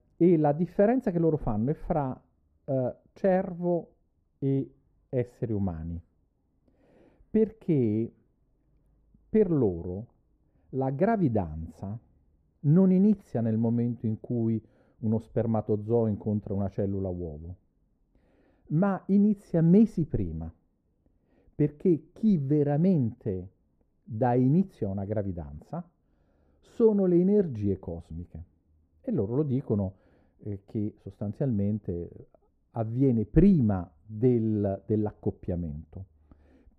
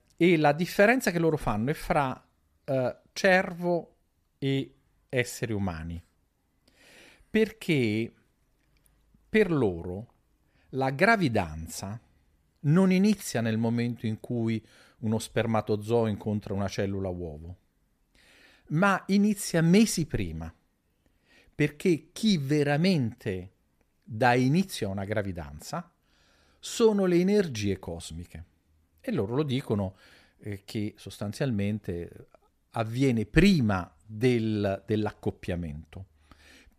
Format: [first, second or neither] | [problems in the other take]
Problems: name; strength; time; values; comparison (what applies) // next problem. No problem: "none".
second | muffled; very; fading above 1.5 kHz